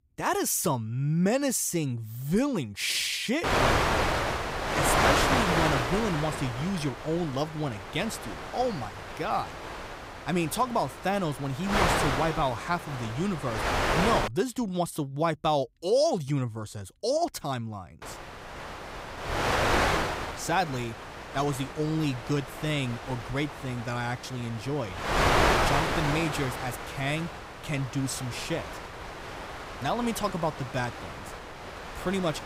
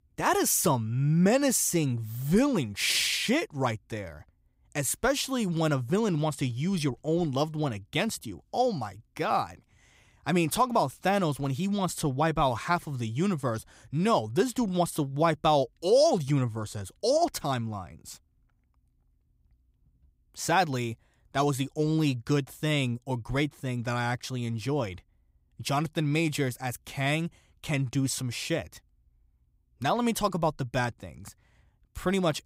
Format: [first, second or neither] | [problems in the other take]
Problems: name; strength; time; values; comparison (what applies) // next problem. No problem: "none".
second | wind noise on the microphone; heavy; from 3.5 to 14 s and from 18 s on; 2 dB above the speech